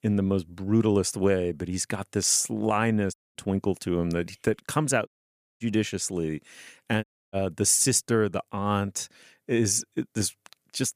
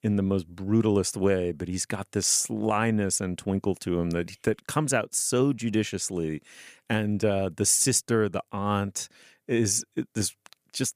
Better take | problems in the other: second | audio cutting out; at 3 s, at 5 s for 0.5 s and at 7 s

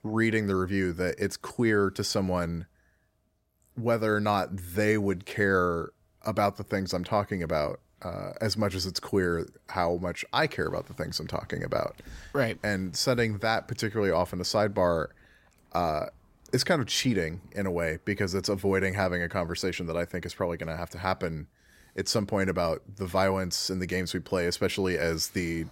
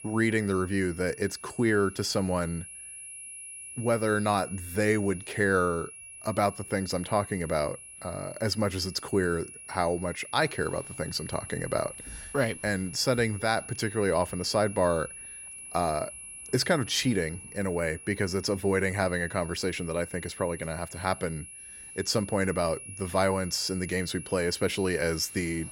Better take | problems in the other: first | high-pitched whine; noticeable; throughout; 10.5 kHz, 15 dB below the speech

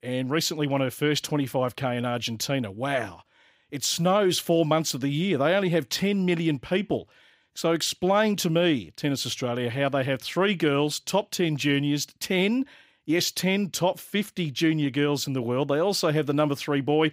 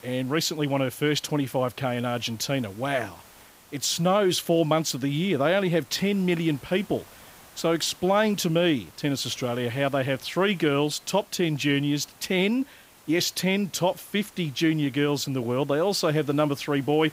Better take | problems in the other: first | hiss; faint; throughout; 25 dB below the speech

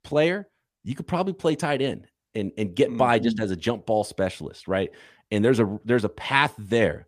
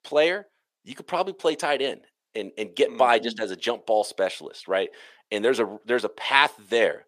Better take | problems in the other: first | thin; somewhat; fading below 500 Hz

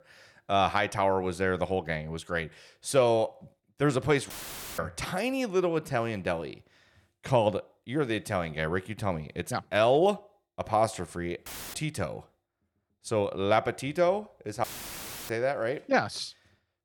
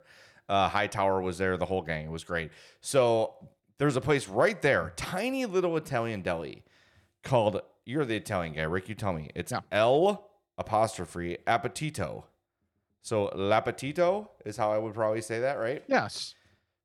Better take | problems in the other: second | audio cutting out; filled with static; at 4.5 s, at 11 s and at 15 s for 0.5 s

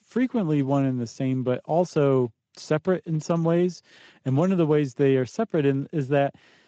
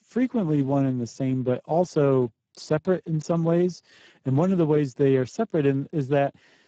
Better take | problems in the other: first | garbled, watery; badly; nothing above 7.5 kHz; slightly in the first

